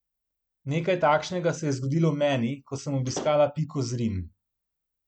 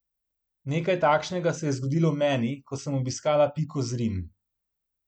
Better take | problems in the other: second | background sound (Slam / Wood); 10 dB below the speech

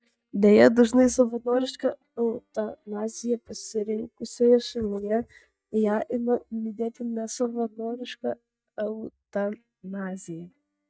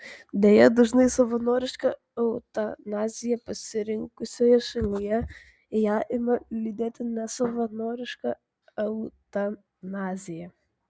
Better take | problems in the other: second | noise reduction (neural mask model DeepFilterNet 3)

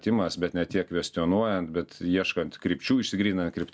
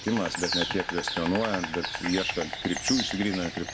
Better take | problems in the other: first | background sound (Insect); 4 dB below the speech

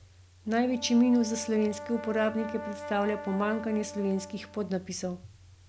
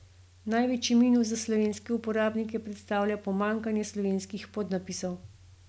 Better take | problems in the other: second | background sound (Brass instrument); 13 dB below the speech

